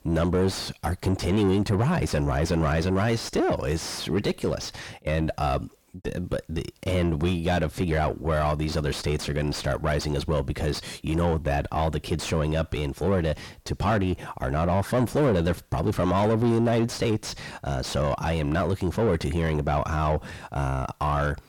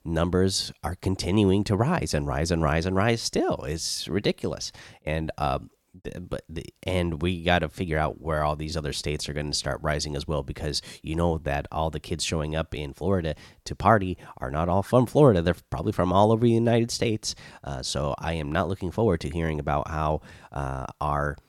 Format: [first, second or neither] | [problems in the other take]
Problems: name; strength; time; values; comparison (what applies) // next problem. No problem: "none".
second | distortion; heavy; 5 dB below the speech